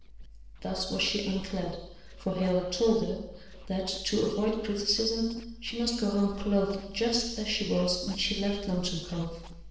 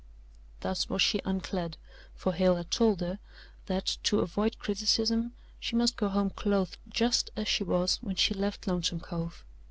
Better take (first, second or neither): second